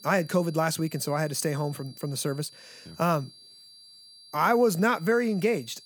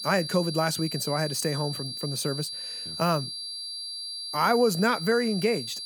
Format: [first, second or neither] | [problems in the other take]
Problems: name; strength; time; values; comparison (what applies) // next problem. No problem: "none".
first | high-pitched whine; loud; throughout; 4.5 kHz, 6 dB below the speech; faint in the first